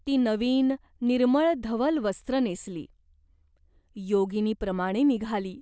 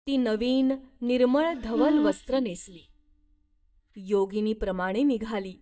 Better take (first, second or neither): first